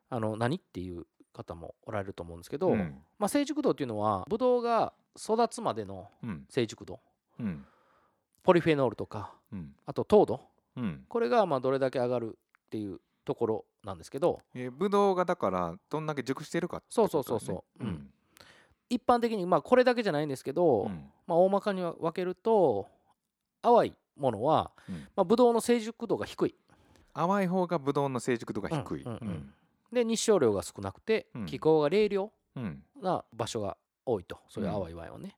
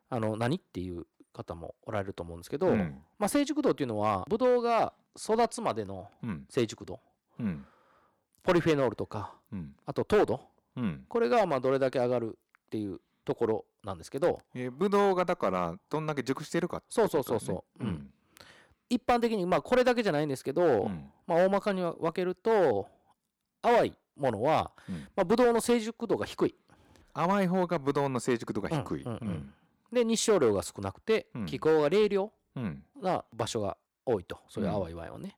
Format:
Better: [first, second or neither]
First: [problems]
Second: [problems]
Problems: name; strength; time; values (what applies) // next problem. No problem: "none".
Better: first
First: none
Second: distortion; slight; 3% of the sound clipped